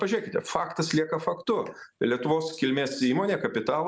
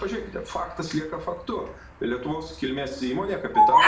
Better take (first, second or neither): first